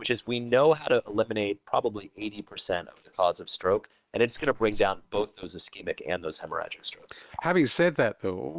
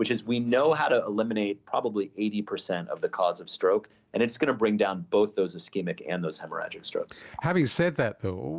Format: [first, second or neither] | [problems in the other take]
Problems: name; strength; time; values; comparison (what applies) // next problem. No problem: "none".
second | noise reduction (neural separator model SepFormer WHAM!)